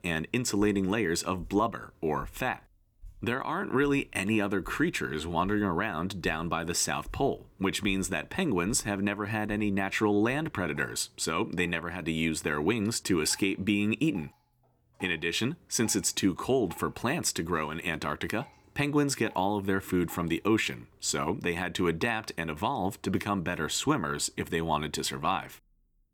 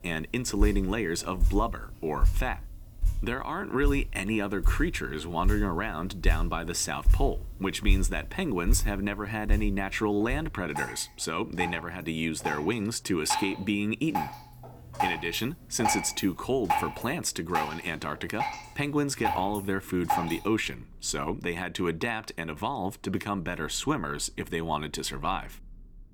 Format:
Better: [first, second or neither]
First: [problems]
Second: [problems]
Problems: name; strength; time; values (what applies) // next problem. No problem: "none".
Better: first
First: rain or running water; faint; throughout; 25 dB below the speech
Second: rain or running water; loud; throughout; 3 dB below the speech